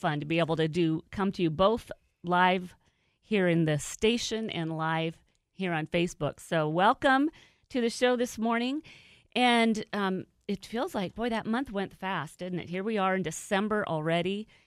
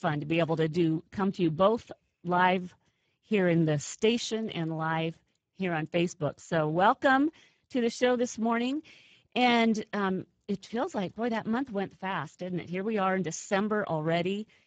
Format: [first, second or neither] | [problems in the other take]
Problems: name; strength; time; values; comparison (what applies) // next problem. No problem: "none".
first | garbled, watery; badly; nothing above 7.5 kHz